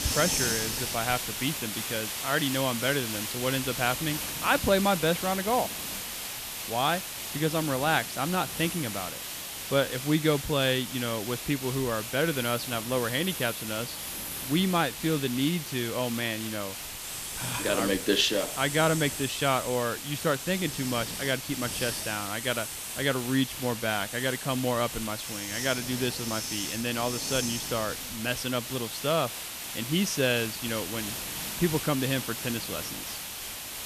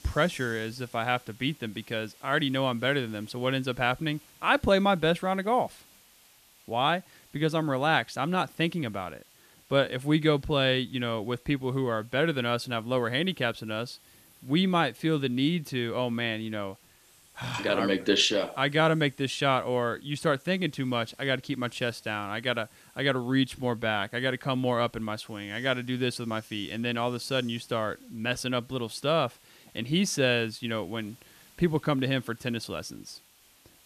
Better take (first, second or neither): second